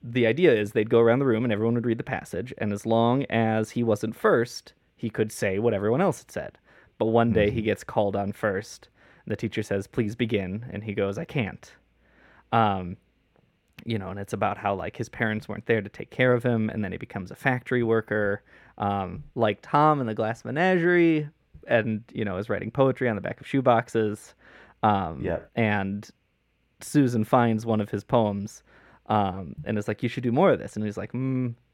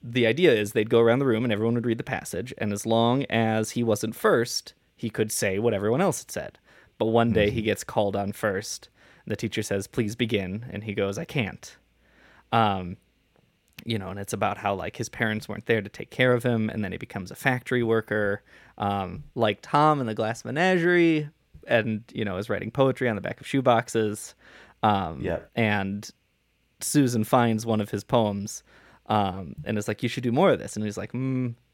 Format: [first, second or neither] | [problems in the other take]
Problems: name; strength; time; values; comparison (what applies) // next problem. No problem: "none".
second | muffled; slightly; fading above 3 kHz